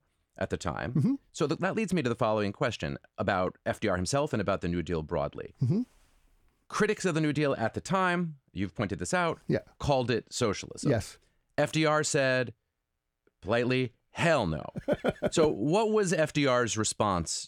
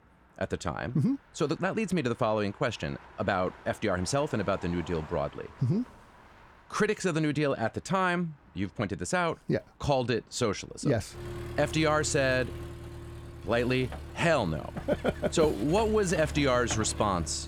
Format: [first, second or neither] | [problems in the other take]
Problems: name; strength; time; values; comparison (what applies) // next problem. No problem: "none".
first | traffic noise; noticeable; throughout; 15 dB below the speech